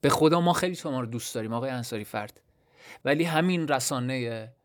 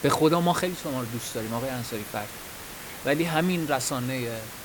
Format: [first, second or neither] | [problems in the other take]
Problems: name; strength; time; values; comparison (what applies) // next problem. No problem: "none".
first | hiss; noticeable; throughout; 10 dB below the speech